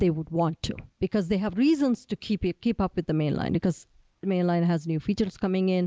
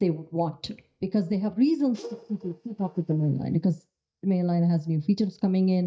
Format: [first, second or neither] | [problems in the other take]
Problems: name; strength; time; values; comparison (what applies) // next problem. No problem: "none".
first | noise reduction (neural mask model DeepFilterNet 3)